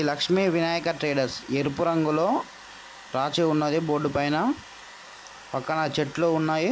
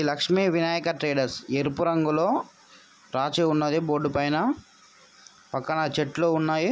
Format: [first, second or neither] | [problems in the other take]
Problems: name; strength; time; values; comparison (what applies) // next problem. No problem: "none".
second | background sound (Domestic sounds, home sounds); 19 dB below the speech